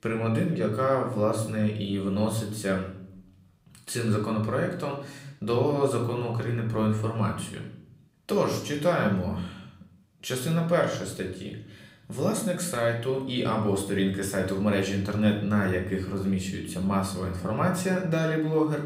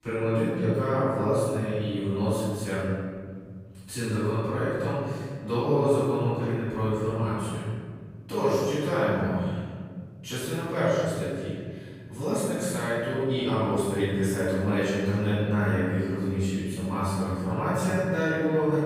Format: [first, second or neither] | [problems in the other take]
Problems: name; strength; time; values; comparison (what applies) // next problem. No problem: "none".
first | room echo; strong; dies away in 2.1 s; slight in the first // off-mic speech; far; somewhat distant in the first